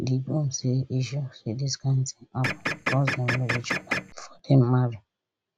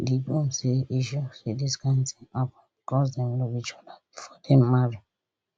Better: second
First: background sound (Printer); 4 dB below the speech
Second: none

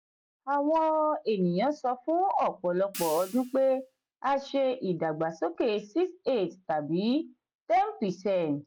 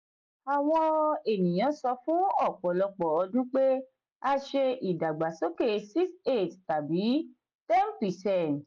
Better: second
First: background sound (Hi-hat); 16 dB below the speech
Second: none

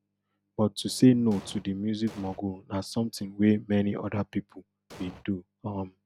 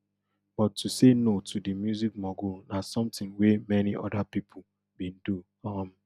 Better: second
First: background sound (Explosion); 18 dB below the speech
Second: none

